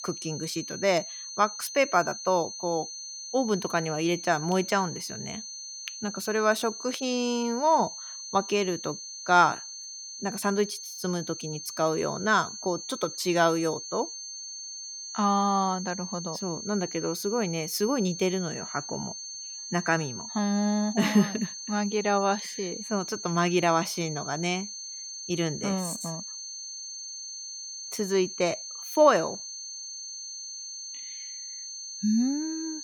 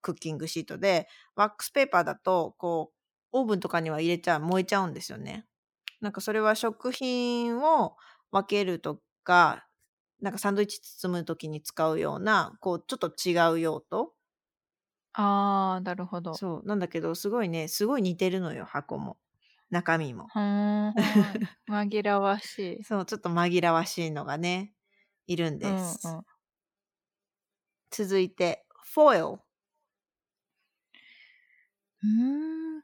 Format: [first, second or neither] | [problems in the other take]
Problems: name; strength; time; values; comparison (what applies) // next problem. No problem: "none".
second | high-pitched whine; loud; throughout; 6.5 kHz, 9 dB below the speech